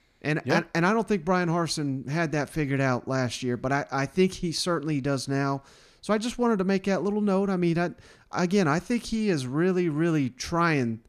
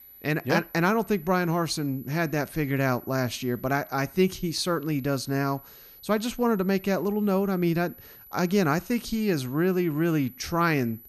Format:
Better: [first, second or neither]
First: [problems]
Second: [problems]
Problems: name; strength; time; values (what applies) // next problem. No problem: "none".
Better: first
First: none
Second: high-pitched whine; faint; throughout; 12 kHz, 20 dB below the speech